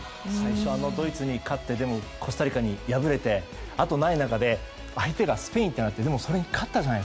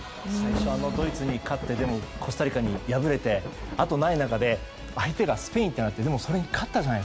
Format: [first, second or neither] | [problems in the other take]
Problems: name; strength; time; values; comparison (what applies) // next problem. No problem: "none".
first | background sound (Thunder / Rain); 12 dB below the speech